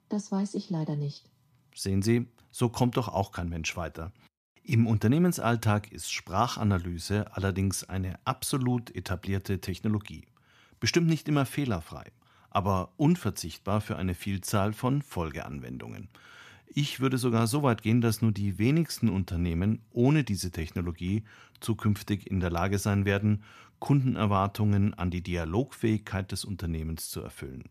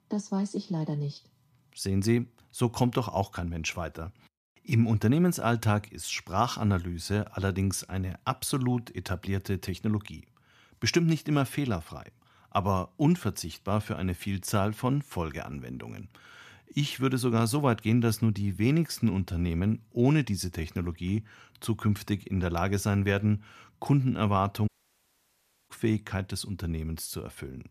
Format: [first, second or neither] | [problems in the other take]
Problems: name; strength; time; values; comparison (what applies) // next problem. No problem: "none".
first | audio cutting out; at 25 s for 1 s